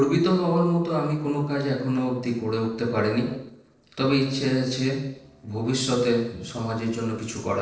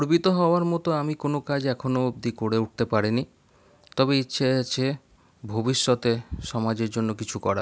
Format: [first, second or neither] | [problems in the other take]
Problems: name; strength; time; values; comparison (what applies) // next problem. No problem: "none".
second | noise reduction (neural separator model SepFormer DNS4)